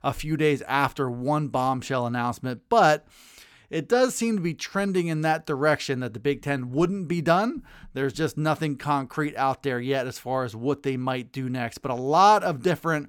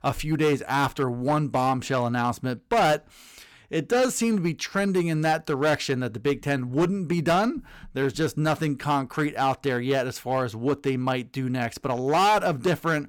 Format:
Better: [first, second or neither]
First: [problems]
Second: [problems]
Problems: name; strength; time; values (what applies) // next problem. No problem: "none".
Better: first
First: none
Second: distortion; slight; 7% of the sound clipped